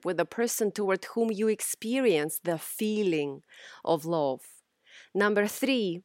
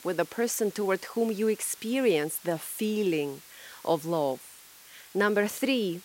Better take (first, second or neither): first